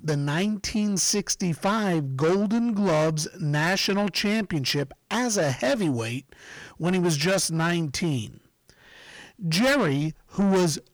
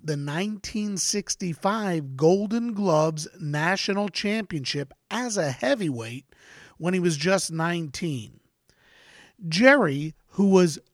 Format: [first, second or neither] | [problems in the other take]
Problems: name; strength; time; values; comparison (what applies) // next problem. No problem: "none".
second | distortion; heavy; 6 dB below the speech